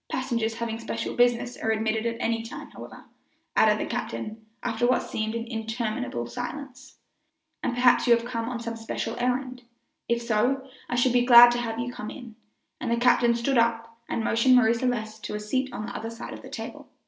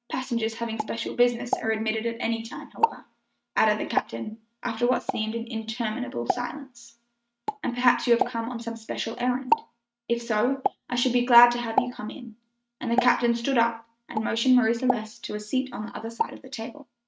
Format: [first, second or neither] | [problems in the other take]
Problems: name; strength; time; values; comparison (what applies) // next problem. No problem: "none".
first | noise reduction (neural mask model RNNoise)